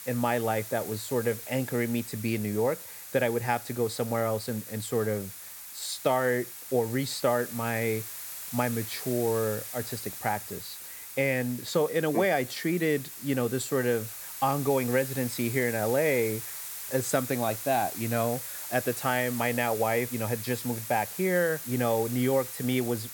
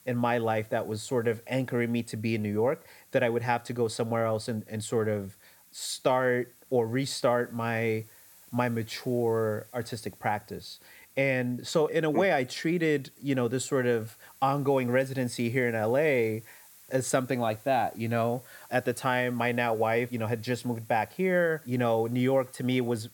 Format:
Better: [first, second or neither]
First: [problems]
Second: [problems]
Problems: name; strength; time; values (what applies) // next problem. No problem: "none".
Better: second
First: hiss; loud; throughout; 8 dB below the speech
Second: hiss; faint; throughout; 25 dB below the speech